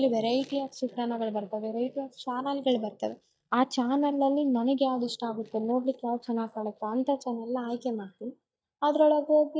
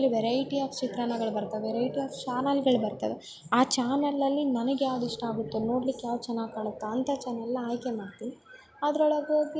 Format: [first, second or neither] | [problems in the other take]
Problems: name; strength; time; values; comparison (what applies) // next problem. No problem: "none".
second | noise reduction (neural mask model DeepFilterNet 3)